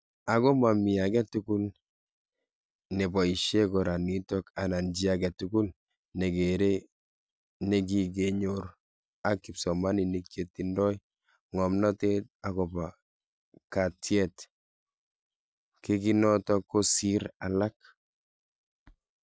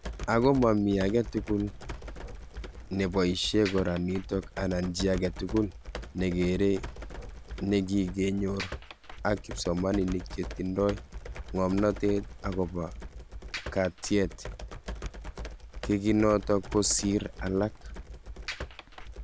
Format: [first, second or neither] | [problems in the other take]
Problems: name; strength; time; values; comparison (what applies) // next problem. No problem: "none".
first | background sound (Computer keyboard); 10 dB below the speech